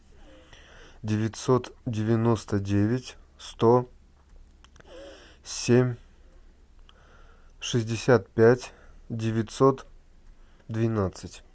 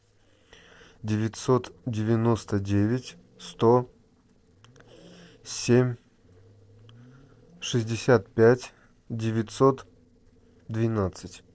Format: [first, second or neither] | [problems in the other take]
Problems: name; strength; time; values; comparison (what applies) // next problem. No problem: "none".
first | noise reduction (neural separator model SepFormer DNS4)